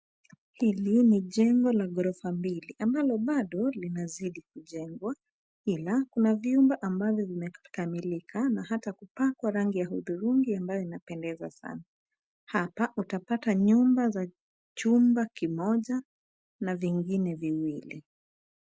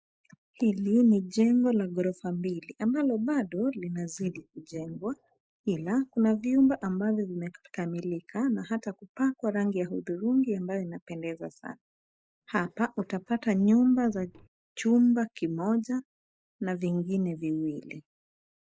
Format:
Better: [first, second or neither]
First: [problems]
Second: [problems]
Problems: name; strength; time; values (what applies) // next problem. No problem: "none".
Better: first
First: none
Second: noise reduction (neural mask model Resemble Enhance denoiser)